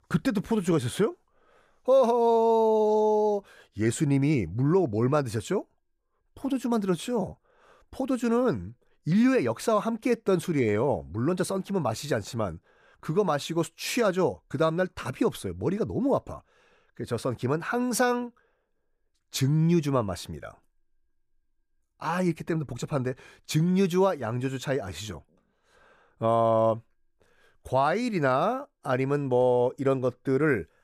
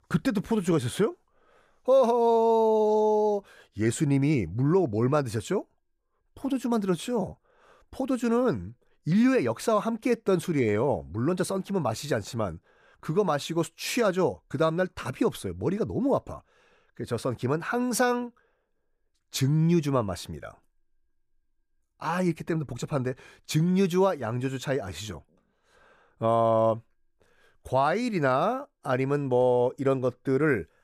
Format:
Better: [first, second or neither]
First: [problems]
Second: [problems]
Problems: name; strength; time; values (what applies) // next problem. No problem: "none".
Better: neither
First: none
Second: none